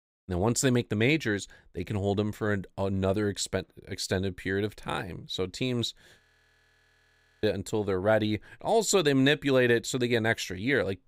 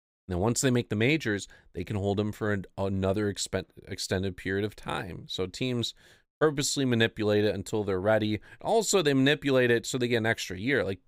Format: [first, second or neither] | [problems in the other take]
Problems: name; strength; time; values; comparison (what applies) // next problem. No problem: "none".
second | audio freezing; at 6 s for 1 s